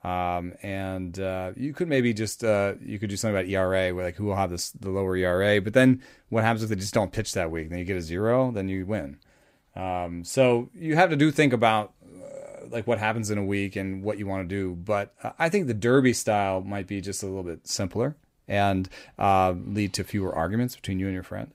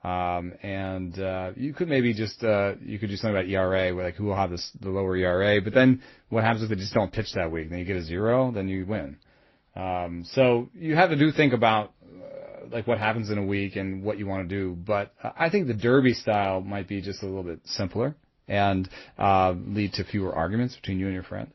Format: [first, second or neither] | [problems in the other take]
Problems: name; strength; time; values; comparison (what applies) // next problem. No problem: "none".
first | garbled, watery; slightly; nothing above 5.5 kHz